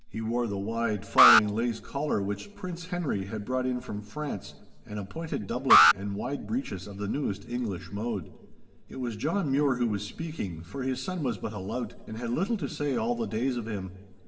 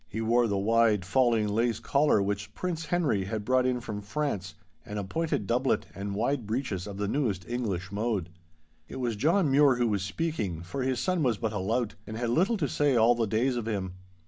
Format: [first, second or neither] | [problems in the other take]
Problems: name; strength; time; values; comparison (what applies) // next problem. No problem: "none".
second | background sound (Alarm); 4 dB above the speech // room echo; dies away in 2.3 s